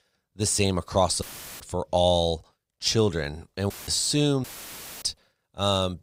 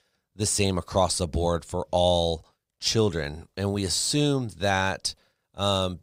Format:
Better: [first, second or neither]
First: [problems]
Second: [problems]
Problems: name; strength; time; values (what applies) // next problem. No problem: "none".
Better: second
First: audio cutting out; filled with static; at 1 s, at 3.5 s and at 4.5 s for 0.5 s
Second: none